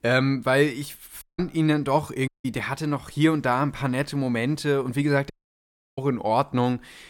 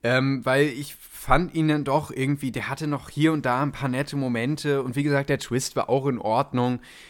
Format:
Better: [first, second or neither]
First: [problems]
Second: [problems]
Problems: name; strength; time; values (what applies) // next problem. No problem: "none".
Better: second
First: audio cutting out; at 1 s, at 2.5 s and at 5.5 s for 0.5 s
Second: none